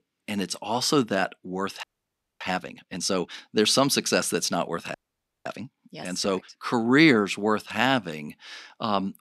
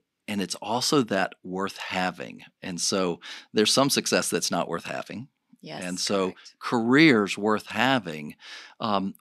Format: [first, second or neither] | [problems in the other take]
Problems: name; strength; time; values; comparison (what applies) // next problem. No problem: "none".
second | audio freezing; at 2 s for 0.5 s and at 5 s for 0.5 s